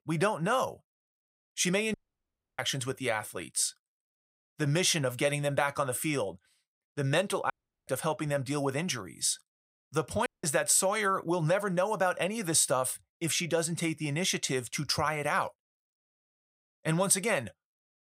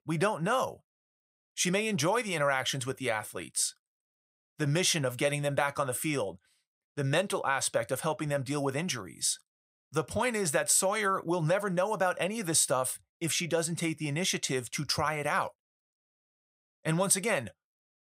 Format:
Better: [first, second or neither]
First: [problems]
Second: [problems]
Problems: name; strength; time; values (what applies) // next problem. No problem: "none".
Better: second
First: audio cutting out; at 2 s for 0.5 s, at 7.5 s and at 10 s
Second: none